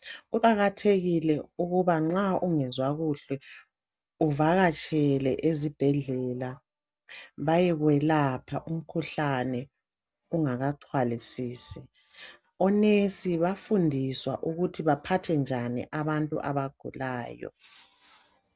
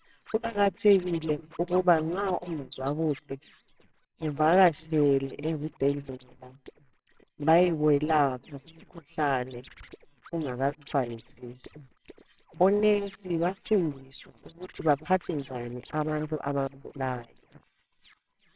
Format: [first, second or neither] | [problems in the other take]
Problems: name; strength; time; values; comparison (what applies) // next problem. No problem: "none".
first | noise reduction (neural separator model SepFormer WHAMR!)